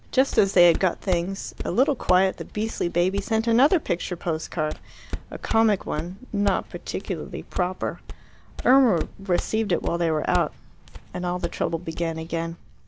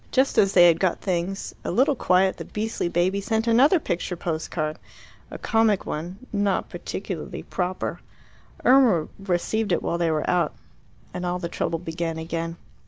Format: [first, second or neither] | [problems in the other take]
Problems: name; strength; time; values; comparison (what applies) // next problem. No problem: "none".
second | background sound (Walk, footsteps); 10 dB below the speech